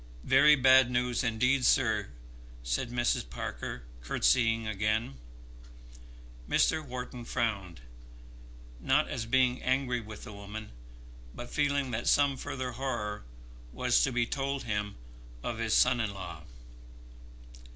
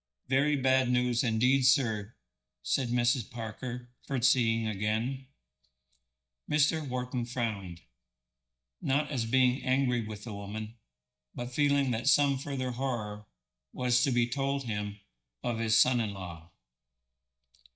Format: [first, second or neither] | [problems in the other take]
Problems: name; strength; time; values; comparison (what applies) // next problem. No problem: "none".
first | noise reduction (neural mask model DeepFilterNet 3)